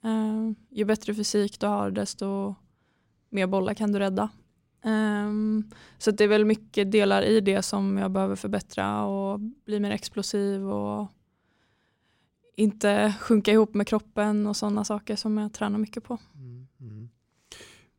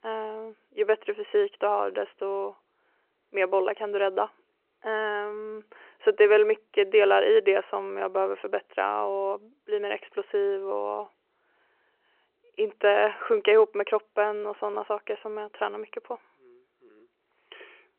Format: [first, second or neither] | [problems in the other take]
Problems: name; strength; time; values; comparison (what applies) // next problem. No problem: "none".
first | phone-call audio